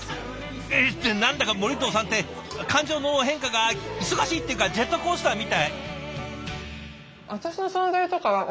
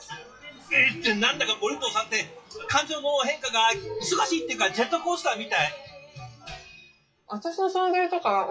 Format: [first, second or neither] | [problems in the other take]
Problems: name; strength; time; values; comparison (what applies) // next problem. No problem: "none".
first | noise reduction (classical method WPE with log-MMSE)